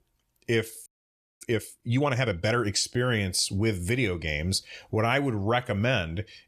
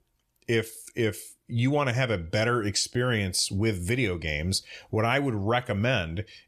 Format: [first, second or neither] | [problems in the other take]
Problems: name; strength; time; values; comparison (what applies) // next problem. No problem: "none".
second | audio freezing; at 1 s for 0.5 s